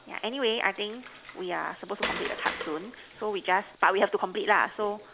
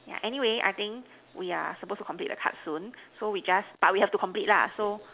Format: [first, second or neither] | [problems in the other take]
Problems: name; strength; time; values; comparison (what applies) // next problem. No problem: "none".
second | background sound (Water); 12 dB below the speech